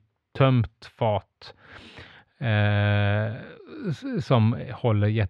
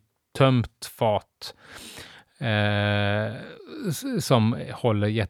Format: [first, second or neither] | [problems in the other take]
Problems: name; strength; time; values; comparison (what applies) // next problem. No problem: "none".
second | muffled; slightly; fading above 2.5 kHz